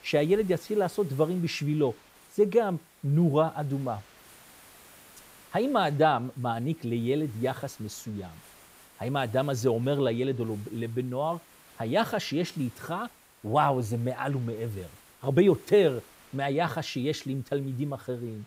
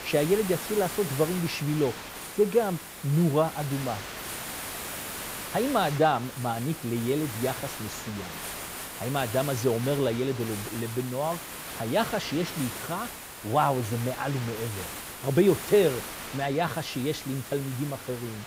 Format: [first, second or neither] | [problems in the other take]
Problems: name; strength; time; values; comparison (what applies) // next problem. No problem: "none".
first | hiss; loud; throughout; 8 dB below the speech; faint in the first